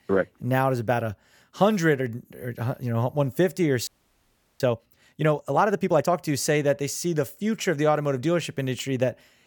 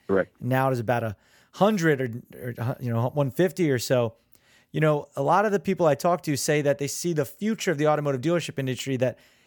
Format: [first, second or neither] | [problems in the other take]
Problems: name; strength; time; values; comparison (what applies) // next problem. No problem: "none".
second | audio freezing; at 4 s for 0.5 s